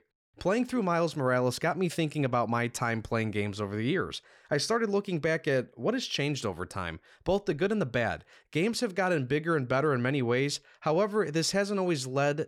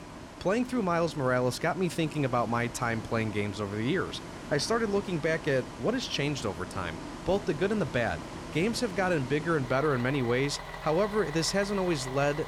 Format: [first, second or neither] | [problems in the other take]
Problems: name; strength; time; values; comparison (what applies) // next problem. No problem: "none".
first | traffic noise; noticeable; throughout; 10 dB below the speech